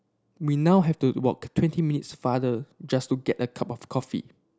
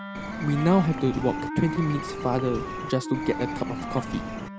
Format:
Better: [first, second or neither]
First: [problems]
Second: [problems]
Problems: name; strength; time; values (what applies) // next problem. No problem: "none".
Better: first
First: none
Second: background sound (Bird + Wind instrument, woodwind instrument); 6 dB below the speech